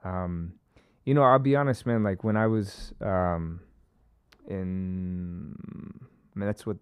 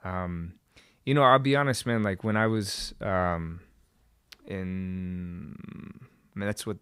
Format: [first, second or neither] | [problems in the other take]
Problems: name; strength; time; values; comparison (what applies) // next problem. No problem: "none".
second | muffled; slightly; fading above 1.5 kHz